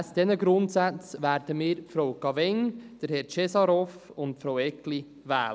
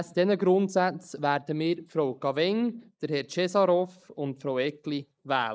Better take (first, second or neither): first